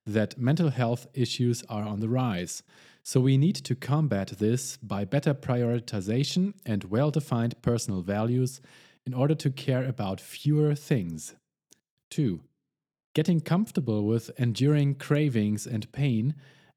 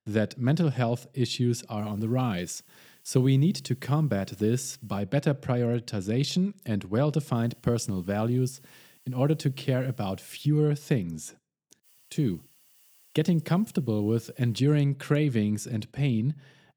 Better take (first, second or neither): first